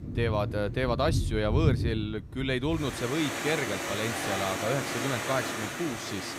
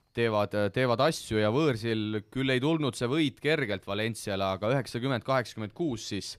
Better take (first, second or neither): second